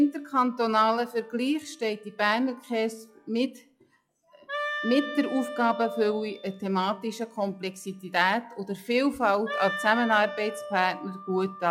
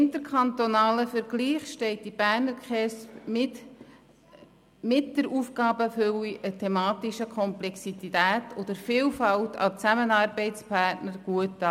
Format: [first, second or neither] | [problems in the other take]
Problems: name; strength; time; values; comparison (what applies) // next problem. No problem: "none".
second | noise reduction (classical method log-MMSE)